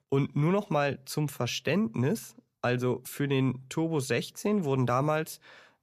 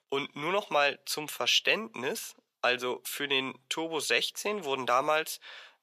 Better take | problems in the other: first | thin; very; fading below 550 Hz

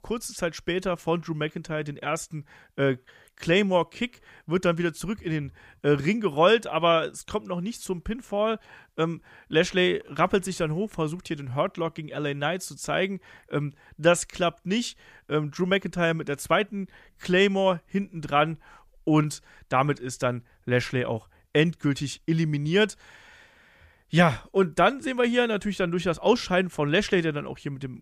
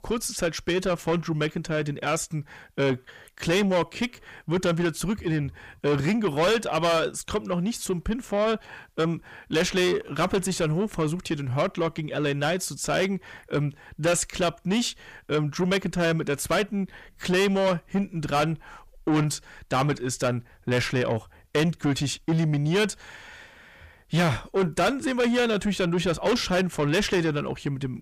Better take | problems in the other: first | distortion; heavy; 7 dB below the speech

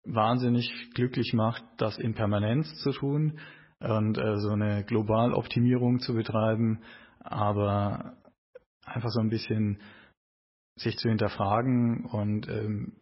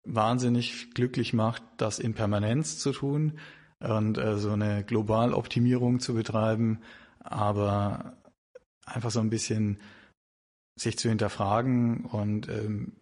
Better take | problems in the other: second | garbled, watery; badly; nothing above 5.5 kHz; slightly in the second

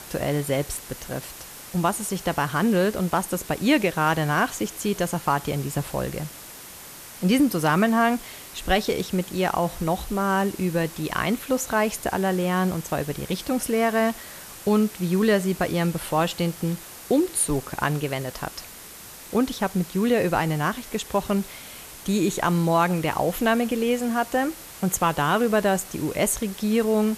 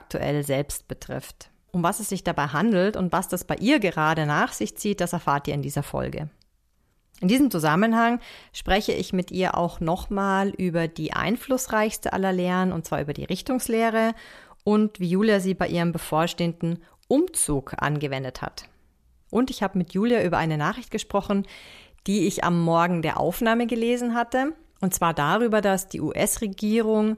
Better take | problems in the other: second | hiss; noticeable; throughout; 15 dB below the speech

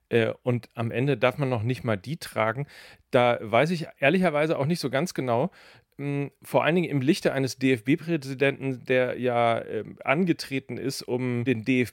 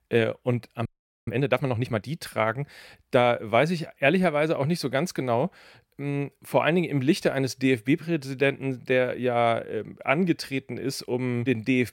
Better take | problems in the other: first | audio freezing; at 1 s

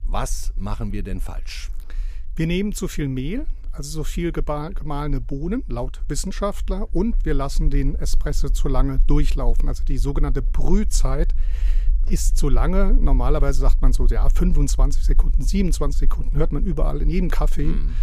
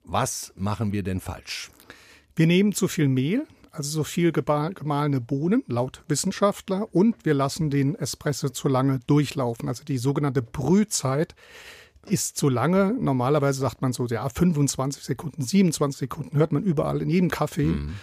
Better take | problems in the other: second | low rumble; faint; throughout; 20 dB below the speech

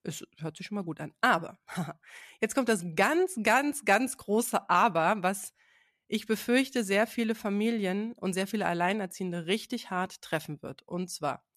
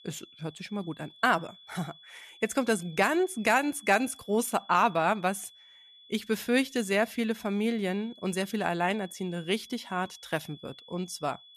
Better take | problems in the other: first | high-pitched whine; faint; throughout; 3.5 kHz, 20 dB below the speech

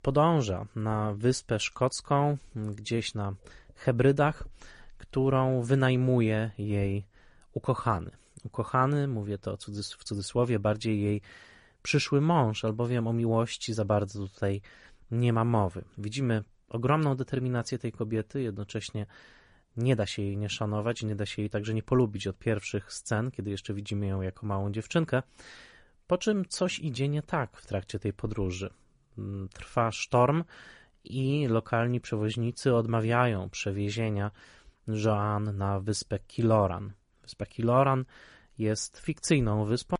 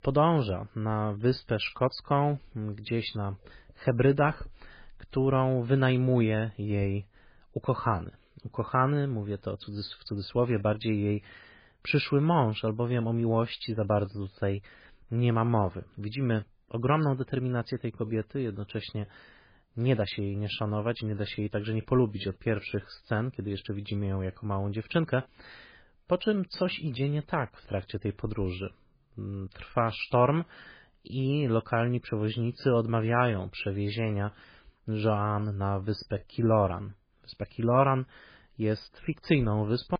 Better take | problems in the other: first | garbled, watery; badly; nothing above 5 kHz; slightly in the first

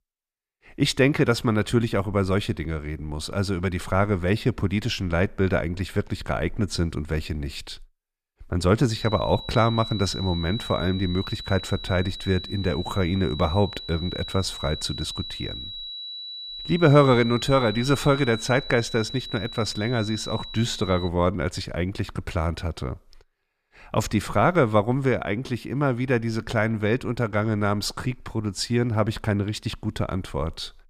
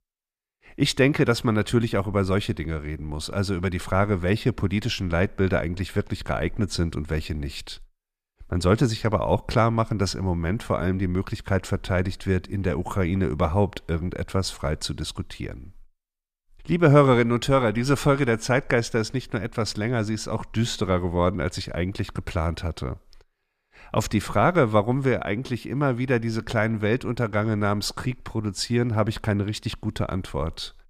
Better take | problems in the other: second | high-pitched whine; loud; from 9 to 21 s; 4 kHz, 10 dB below the speech

